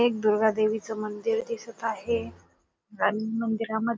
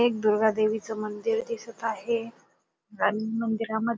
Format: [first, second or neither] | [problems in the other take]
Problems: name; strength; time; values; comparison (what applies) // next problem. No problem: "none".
second | background sound (Brass instrument); 18 dB below the speech